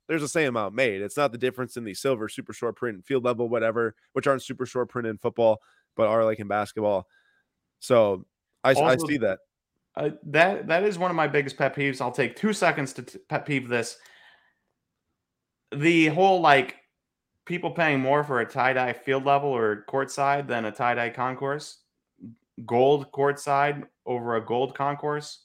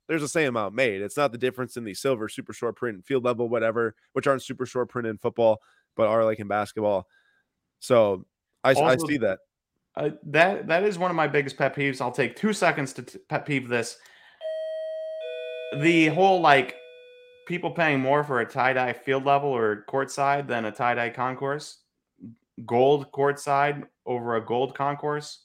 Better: first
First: none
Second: doorbell; noticeable; from 14 to 17 s; peak 7 dB below the speech

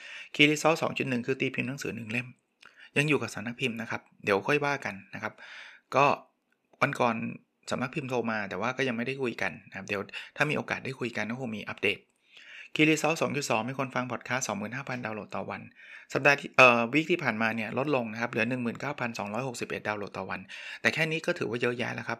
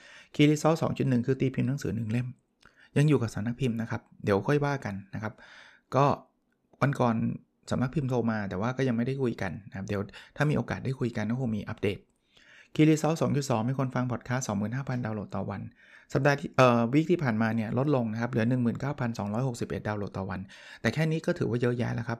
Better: second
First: thin; somewhat; fading below 500 Hz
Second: none

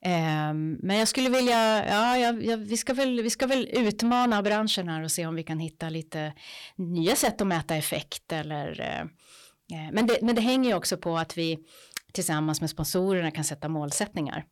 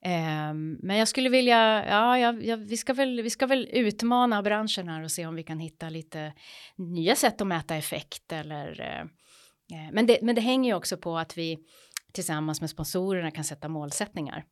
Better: second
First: distortion; heavy; 8 dB below the speech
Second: none

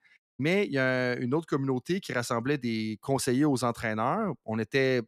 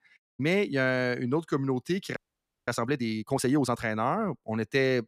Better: first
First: none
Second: audio freezing; at 2 s for 0.5 s

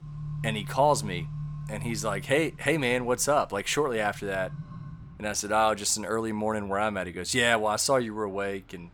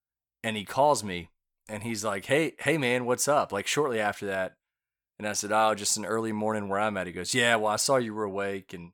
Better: second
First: traffic noise; noticeable; throughout; 15 dB below the speech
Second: none

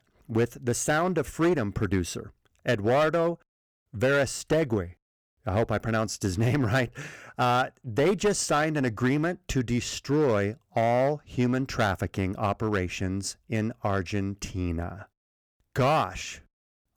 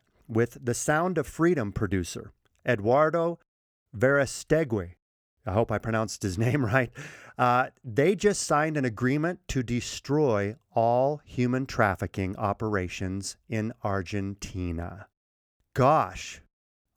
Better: second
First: distortion; slight; 7% of the sound clipped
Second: none

